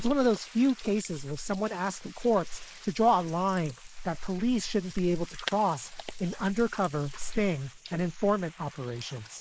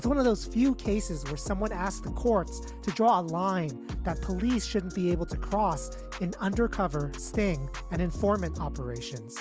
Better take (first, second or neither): second